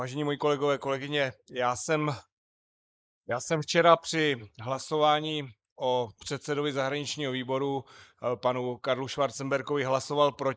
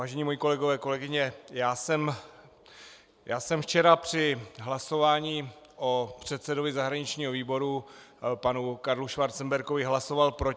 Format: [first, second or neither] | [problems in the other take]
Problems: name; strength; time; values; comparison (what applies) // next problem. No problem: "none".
second | noise reduction (neural mask model Resemble Enhance denoiser)